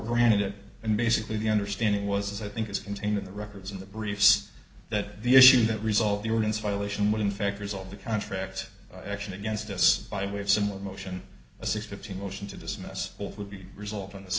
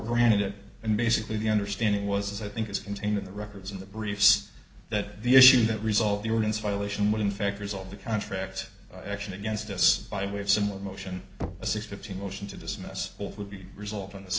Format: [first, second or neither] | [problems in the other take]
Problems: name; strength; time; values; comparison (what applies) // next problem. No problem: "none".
first | background sound (Knock); 15 dB below the speech